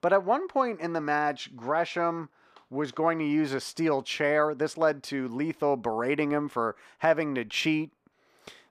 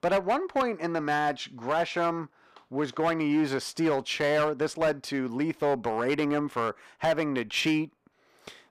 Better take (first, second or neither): first